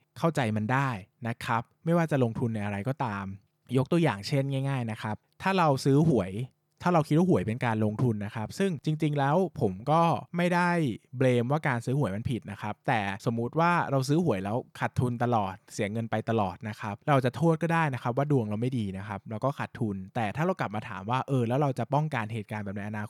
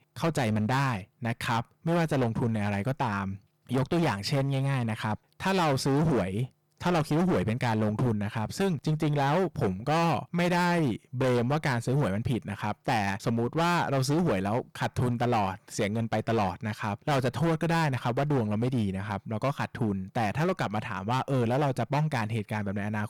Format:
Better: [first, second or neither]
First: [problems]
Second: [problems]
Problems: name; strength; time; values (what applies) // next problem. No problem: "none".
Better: first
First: none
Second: distortion; heavy; 17% of the sound clipped